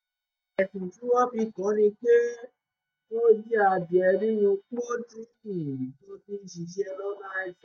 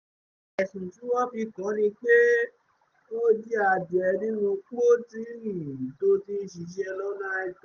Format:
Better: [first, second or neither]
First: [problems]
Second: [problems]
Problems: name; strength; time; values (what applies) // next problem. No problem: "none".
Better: second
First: noise reduction (neural mask model DeepFilterNet 3)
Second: none